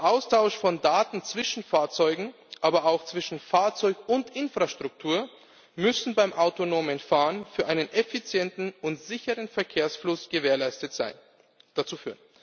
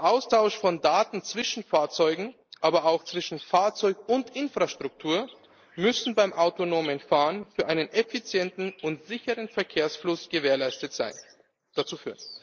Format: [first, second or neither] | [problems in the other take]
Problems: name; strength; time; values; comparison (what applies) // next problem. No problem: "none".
first | noise reduction (neural mask model Resemble Enhance denoiser)